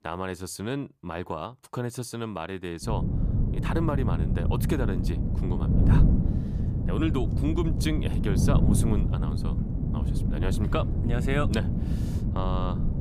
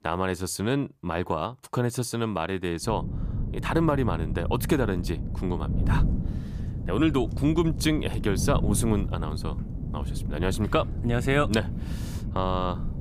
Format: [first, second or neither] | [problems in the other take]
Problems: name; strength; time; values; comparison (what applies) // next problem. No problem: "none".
second | wind noise on the microphone; heavy; from 3 s on; 3 dB below the speech; occasional gusts in the second